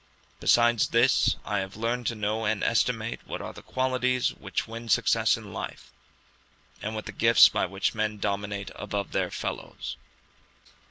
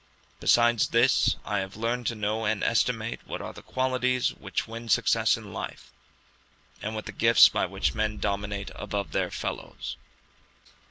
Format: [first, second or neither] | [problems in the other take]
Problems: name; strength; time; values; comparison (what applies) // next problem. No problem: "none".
first | background sound (Boom); 10 dB below the speech